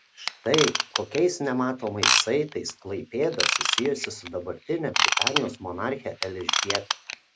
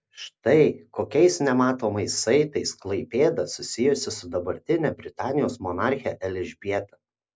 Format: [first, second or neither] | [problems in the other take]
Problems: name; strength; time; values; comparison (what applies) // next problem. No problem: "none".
second | background sound (Ratchet, pawl / Tools); as loud as the speech